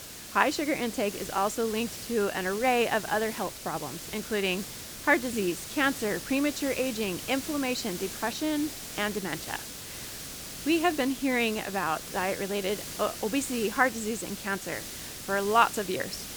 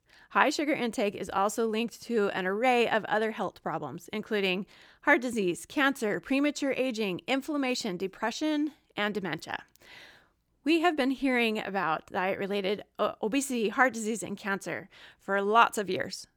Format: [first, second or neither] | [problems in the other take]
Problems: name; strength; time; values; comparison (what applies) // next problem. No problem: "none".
second | hiss; loud; throughout; 9 dB below the speech